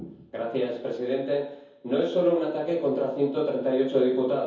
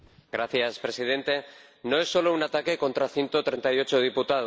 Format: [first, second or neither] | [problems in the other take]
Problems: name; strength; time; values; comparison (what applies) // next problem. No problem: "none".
second | room echo; dies away in 0.7 s